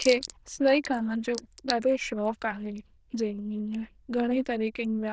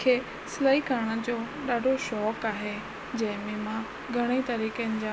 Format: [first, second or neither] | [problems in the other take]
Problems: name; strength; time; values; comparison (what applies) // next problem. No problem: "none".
second | noise reduction (neural diffusion model UNIVERSE++)